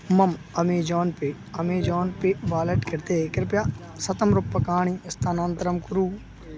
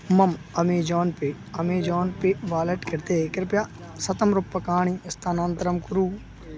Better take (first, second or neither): second